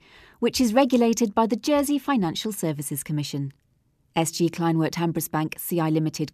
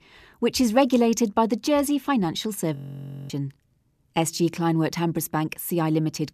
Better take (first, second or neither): first